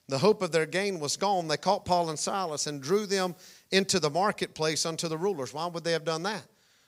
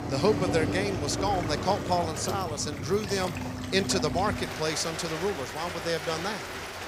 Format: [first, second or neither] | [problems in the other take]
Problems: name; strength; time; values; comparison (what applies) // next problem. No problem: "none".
first | rain or running water; loud; throughout; 4 dB below the speech